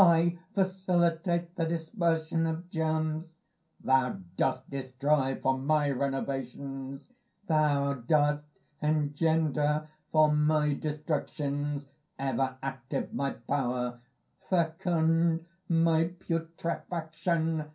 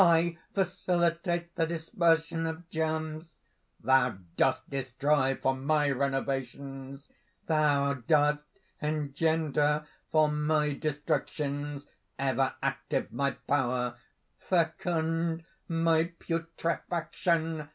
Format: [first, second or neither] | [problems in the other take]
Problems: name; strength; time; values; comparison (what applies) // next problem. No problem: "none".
second | room echo; dies away in 0.3 s